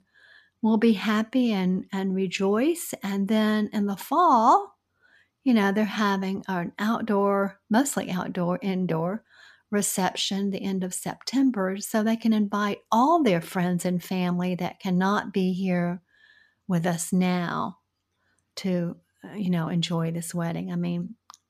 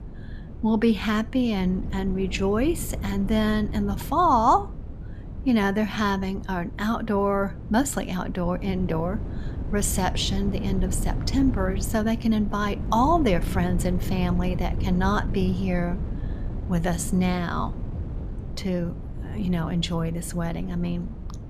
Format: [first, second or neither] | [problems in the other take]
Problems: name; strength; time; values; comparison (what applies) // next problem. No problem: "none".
first | wind noise on the microphone; occasional gusts; 15 dB below the speech